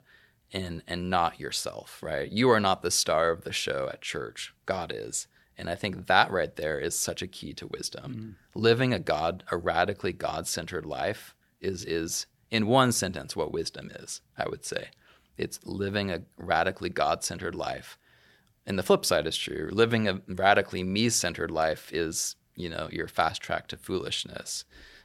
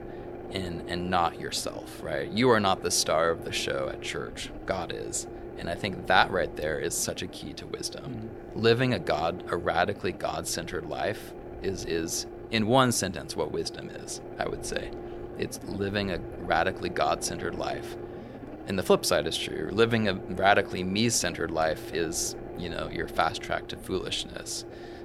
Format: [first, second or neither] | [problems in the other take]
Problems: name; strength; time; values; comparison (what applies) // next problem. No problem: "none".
first | low rumble; noticeable; throughout; 15 dB below the speech